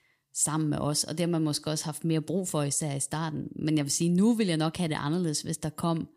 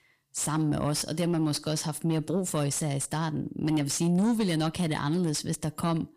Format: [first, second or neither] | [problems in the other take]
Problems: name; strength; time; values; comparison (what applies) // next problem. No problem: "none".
first | distortion; slight; 10 dB below the speech